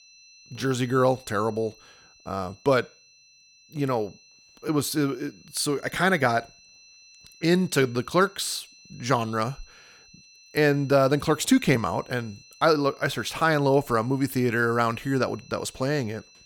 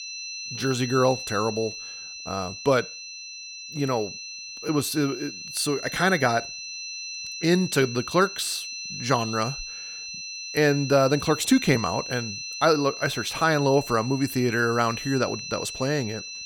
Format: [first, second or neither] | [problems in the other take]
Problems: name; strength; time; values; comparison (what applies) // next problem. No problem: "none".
first | high-pitched whine; loud; throughout; 4 kHz, 9 dB below the speech; faint in the first